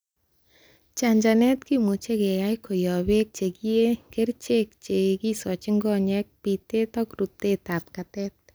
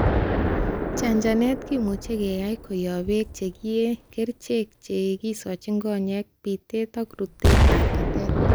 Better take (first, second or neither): first